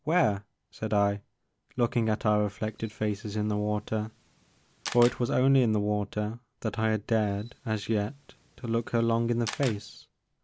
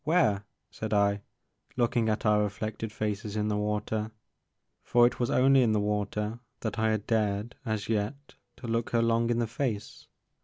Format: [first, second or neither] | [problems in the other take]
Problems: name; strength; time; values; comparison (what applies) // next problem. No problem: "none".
second | background sound (Camera); 17 dB below the speech